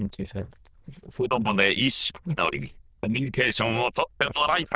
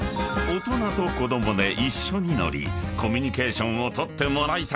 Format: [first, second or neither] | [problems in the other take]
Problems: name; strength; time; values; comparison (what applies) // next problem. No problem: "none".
second | noise reduction (neural diffusion model UNIVERSE++)